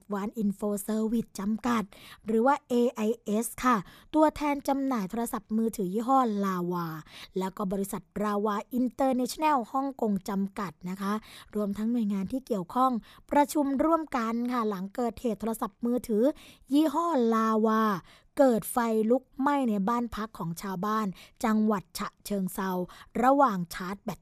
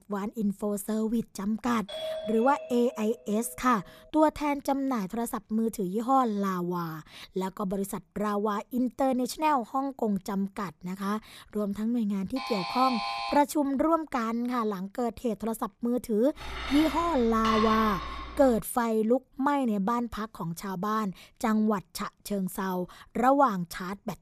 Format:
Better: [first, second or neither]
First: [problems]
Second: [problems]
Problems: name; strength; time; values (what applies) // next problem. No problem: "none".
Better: first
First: none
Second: doorbell; noticeable; from 2 to 3.5 s; peak 6 dB below the speech // alarm; noticeable; from 12 to 13 s; peak 3 dB below the speech // clattering dishes; noticeable; from 16 to 19 s; peak level with the speech